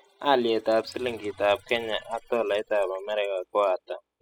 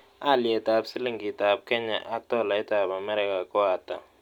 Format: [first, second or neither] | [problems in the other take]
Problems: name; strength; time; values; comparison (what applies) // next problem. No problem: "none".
second | noise reduction (classical method spectral subtraction)